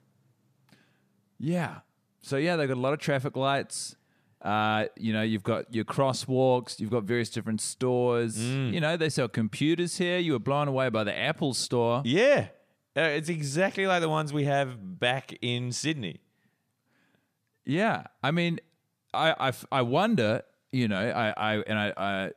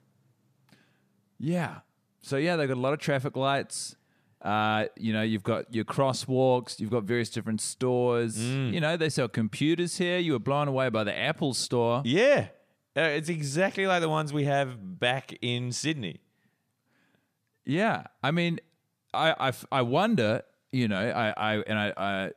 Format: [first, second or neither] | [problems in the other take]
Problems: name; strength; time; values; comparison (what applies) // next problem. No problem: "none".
neither | none